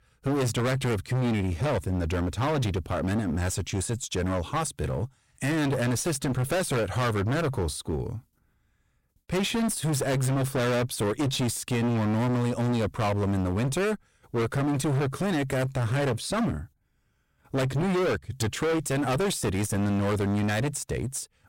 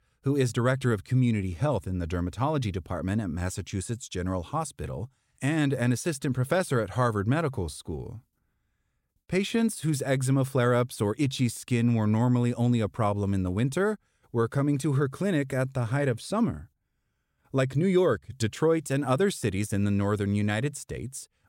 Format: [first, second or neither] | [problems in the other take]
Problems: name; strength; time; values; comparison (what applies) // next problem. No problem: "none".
second | distortion; heavy; 29% of the sound clipped